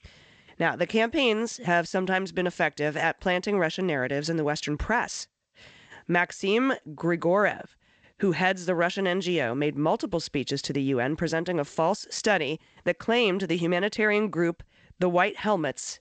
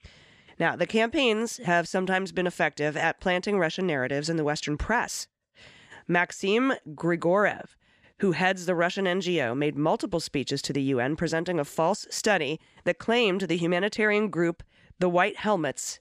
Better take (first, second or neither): second